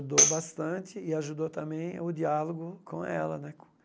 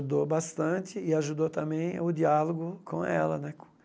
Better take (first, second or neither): second